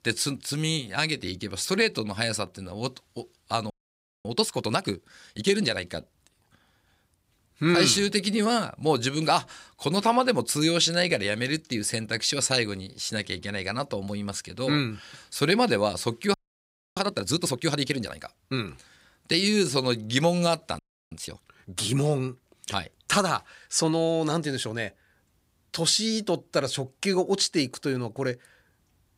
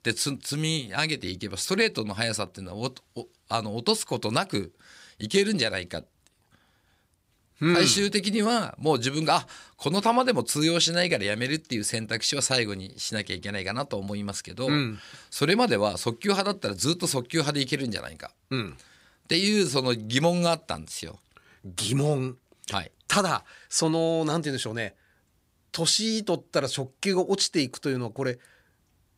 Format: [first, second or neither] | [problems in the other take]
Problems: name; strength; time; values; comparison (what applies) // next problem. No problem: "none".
second | audio freezing; at 3.5 s for 0.5 s, at 16 s for 0.5 s and at 21 s